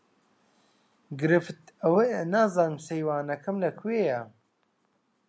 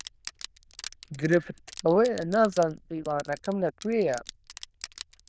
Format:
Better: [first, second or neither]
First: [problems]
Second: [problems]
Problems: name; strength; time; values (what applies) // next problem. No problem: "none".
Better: first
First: none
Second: noise reduction (neural diffusion model UNIVERSE++)